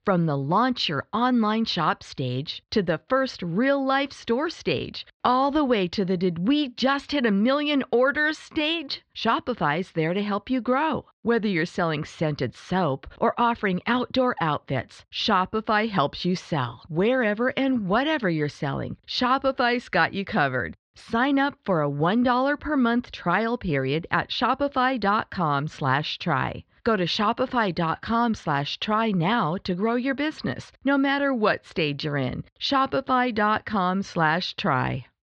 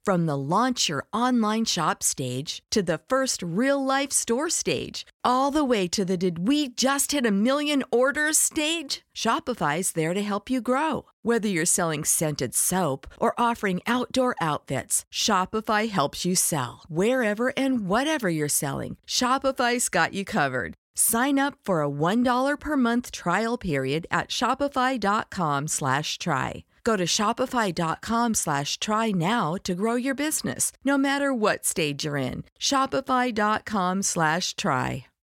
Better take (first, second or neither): second